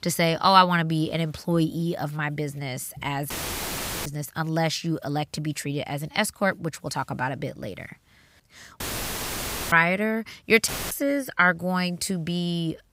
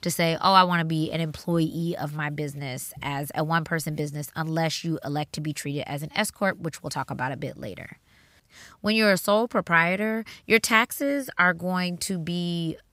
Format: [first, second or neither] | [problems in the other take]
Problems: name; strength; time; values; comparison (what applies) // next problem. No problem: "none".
second | audio cutting out; filled with static; at 3.5 s for 1 s, at 9 s for 1 s and at 11 s